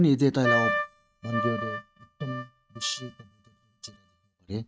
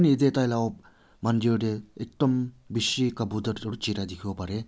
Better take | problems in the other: second | noise reduction (neural mask model RNNoise)

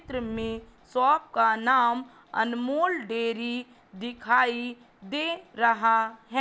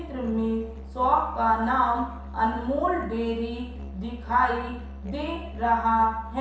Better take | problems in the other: first | background sound (Musical instrument); 12 dB below the speech // room echo; dies away in 0.7 s

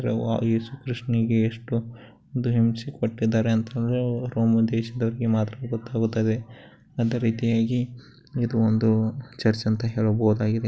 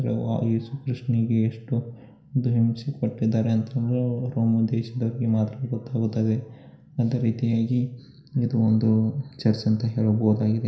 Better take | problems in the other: first | room echo; dies away in 0.5 s

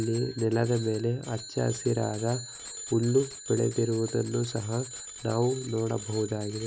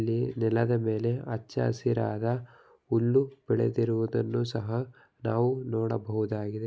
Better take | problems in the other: second | background sound (Bicycle bell); 13 dB below the speech

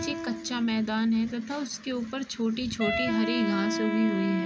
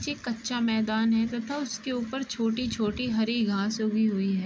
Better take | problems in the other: second | background sound (Wind instrument, woodwind instrument); 5 dB below the speech

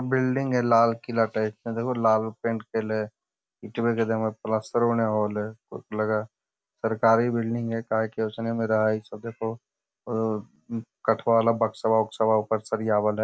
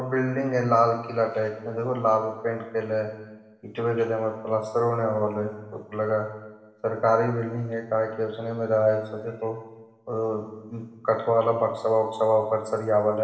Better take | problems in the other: first | room echo; dies away in 1.2 s

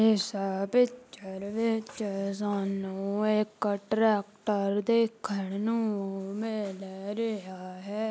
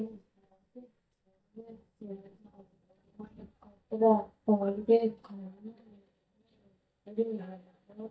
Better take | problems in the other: first | noise reduction (neural mask model DeepFilterNet 3)

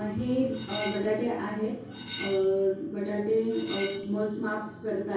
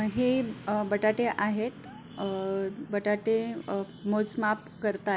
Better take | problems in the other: second | background sound (Cutlery, silverware); 12 dB below the speech // room echo; dies away in 0.6 s

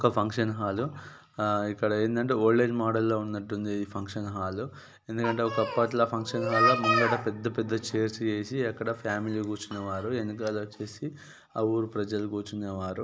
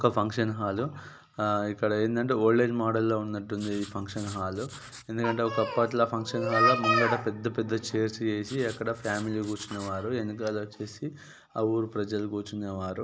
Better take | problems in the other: first | background sound (Writing); 19 dB below the speech

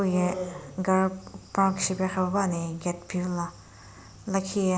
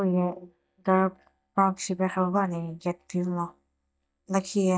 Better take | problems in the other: first | noise reduction (neural mask model DeepFilterNet 3)

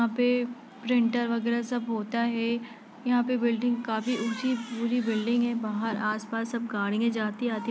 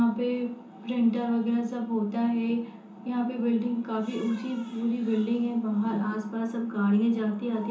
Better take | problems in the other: first | room echo; dies away in 0.6 s

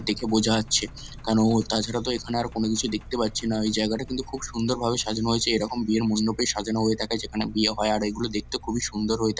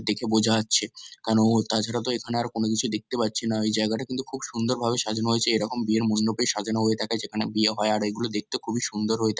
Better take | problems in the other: second | background sound (Engine); 17 dB below the speech

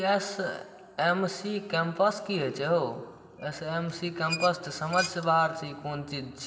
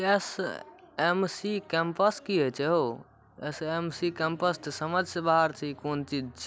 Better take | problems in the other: second | background sound (Squeak); 13 dB below the speech // room echo; dies away in 1.9 s

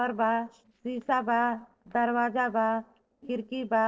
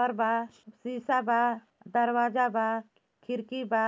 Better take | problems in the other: second | noise reduction (neural separator model SepFormer DNS4)

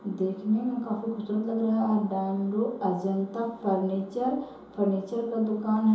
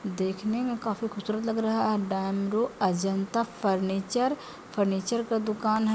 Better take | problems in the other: second | room echo; dies away in 2.8 s

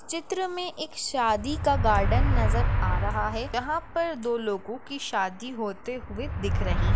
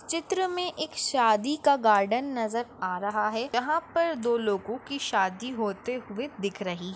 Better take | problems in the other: second | background sound (Motor vehicle (road)); 2 dB above the speech

